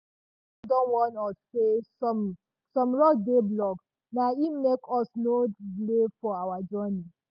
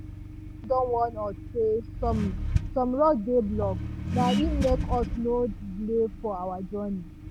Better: first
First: none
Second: background sound (Accelerating, revving, vroom); 4 dB below the speech

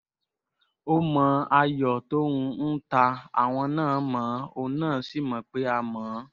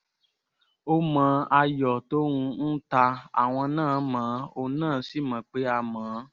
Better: second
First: noise reduction (neural mask model Resemble Enhance denoiser)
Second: none

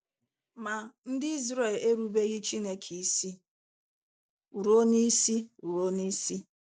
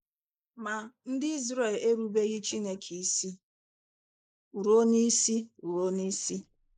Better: first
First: none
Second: noise reduction (neural mask model Resemble Enhance denoiser)

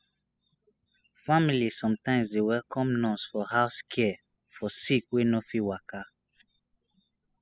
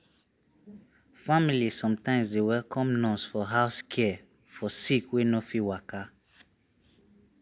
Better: second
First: noise reduction (classical method spectral subtraction)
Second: none

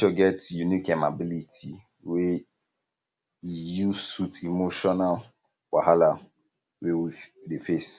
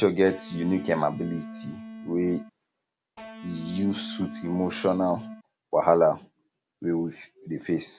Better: first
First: none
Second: background sound (Electric guitar); 12 dB below the speech

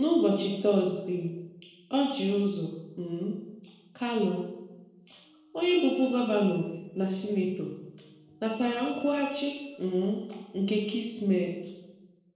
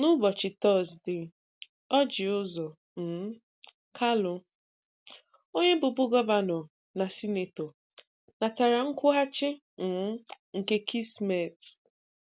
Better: second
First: noise reduction (neural separator model SepFormer DNS4)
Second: none

